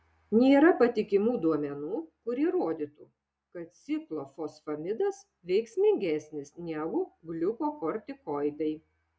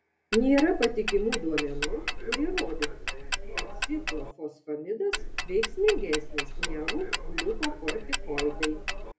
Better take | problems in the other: first | background sound (Tick-tock); 2 dB below the speech // room echo; dies away in 0.3 s

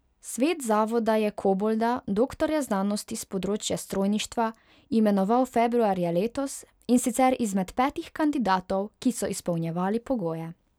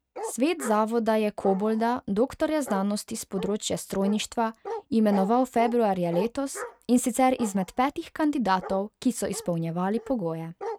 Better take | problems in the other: first | noise reduction (neural mask model RNNoise)

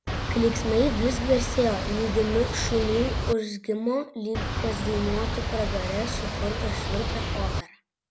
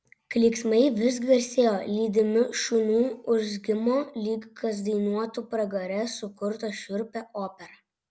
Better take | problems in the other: second | background sound (Boat, Water vehicle); 1 dB below the speech

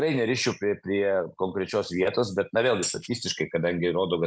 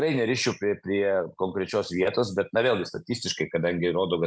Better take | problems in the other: second | background sound (Tambourine); 10 dB below the speech

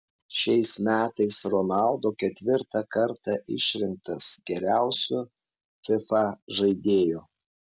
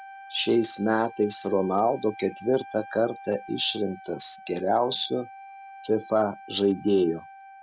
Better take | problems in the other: first | background sound (Wind instrument, woodwind instrument); 18 dB below the speech

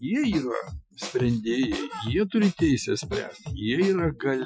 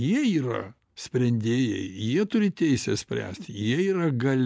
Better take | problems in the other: second | noise reduction (classical method Wiener filter)

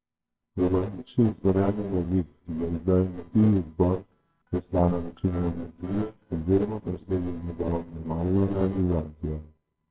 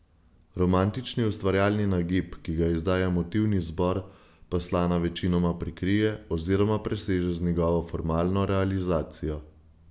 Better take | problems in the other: second | noise reduction (neural separator model SepFormer WHAMR!)

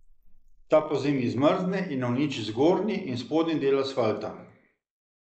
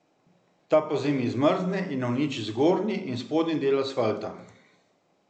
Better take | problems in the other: second | noise reduction (neural mask model Resemble Enhance denoiser)

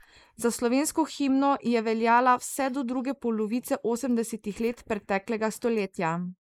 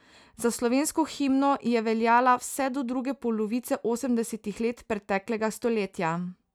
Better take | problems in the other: second | noise reduction (neural mask model Resemble Enhance denoiser)

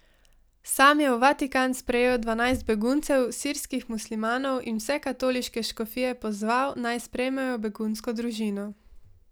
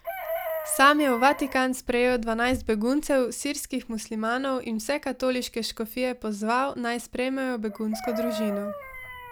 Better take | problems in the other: first | background sound (Chicken, rooster); 12 dB below the speech

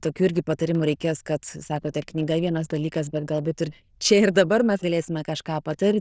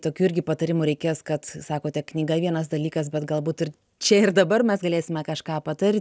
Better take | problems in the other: second | noise reduction (neural diffusion model UNIVERSE++)

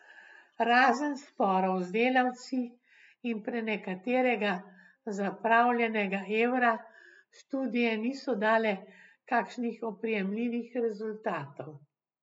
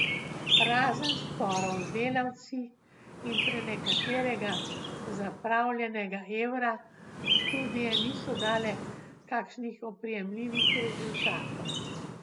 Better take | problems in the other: first | background sound (Chirp, tweet); as loud as the speech

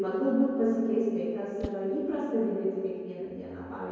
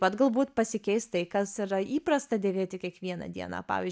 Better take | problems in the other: second | background sound (Whoosh, swoosh, swish); 17 dB below the speech // room echo; dies away in 2.2 s

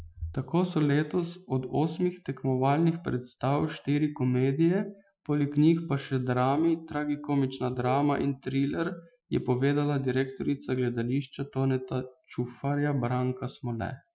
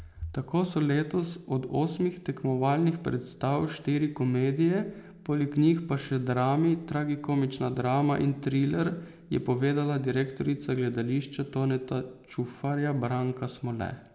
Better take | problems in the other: second | noise reduction (classical method Wiener filter)

